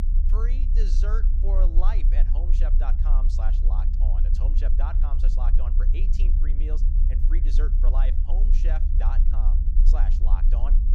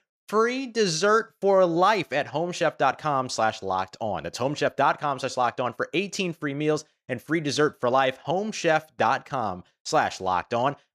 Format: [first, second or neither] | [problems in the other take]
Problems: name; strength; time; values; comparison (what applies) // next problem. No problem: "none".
second | low rumble; loud; throughout; 5 dB below the speech